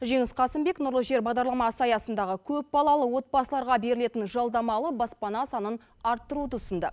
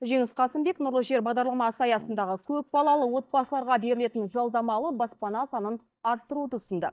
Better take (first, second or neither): first